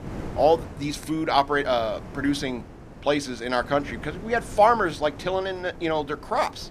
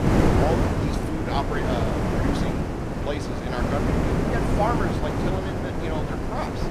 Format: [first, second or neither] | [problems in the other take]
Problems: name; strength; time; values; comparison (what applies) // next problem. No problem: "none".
first | wind noise on the microphone; heavy; 2 dB above the speech; occasional gusts in the first